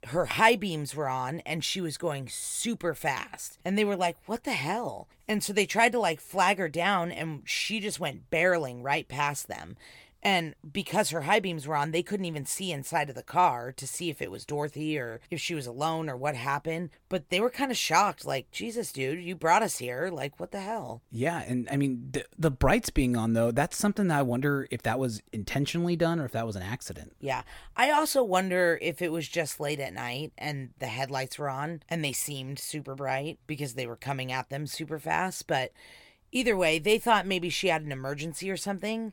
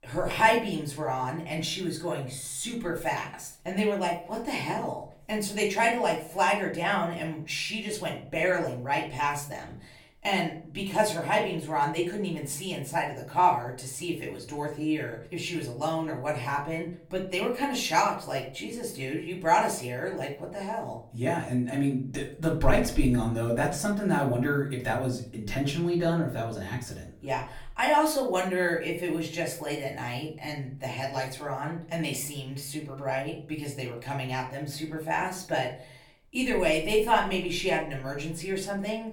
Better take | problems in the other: first | off-mic speech; far // room echo; slight; dies away in 0.4 s

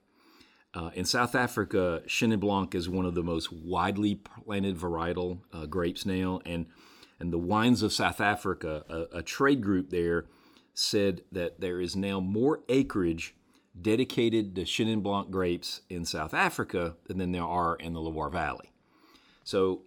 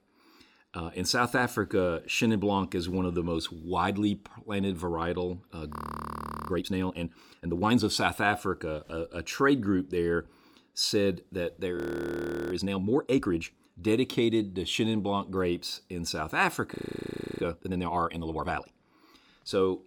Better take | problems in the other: first | audio freezing; at 5.5 s for 1 s, at 12 s for 0.5 s and at 17 s for 0.5 s

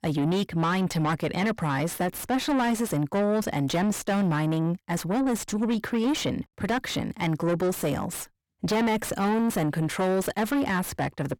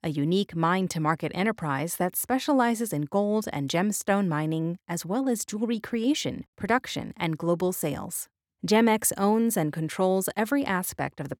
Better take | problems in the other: second | distortion; heavy; 6 dB below the speech

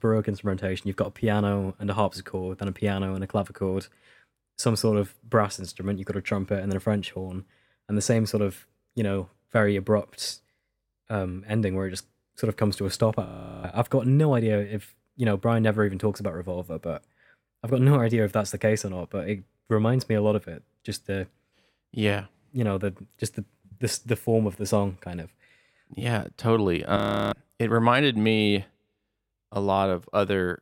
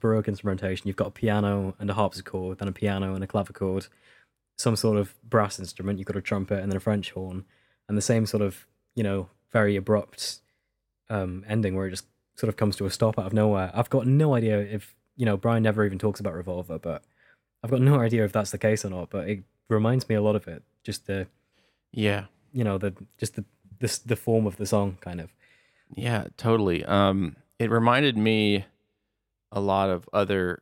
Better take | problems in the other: second | audio freezing; at 13 s and at 27 s

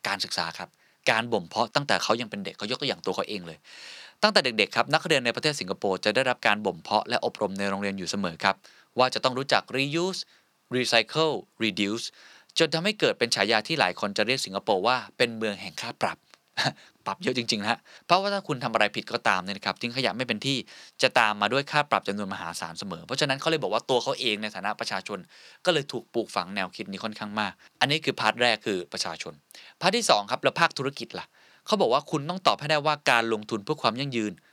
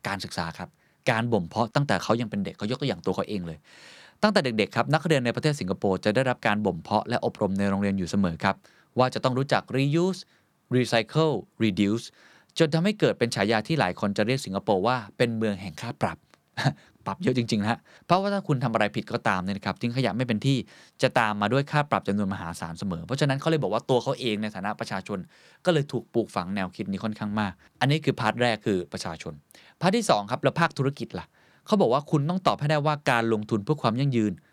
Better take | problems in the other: second | thin; very slightly; fading below 550 Hz

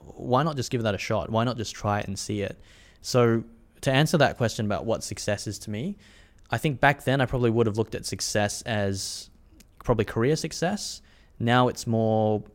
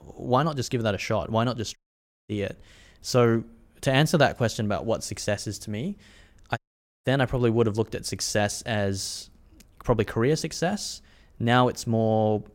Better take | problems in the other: first | audio cutting out; at 2 s for 0.5 s and at 6.5 s

